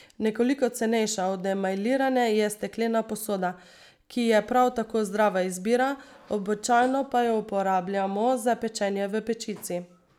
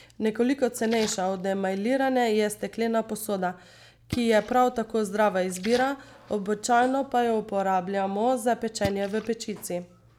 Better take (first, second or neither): first